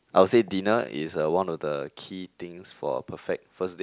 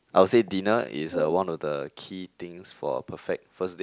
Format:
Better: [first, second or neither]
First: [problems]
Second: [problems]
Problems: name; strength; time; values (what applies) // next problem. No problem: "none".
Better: first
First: none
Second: background sound (Brass instrument); 12 dB below the speech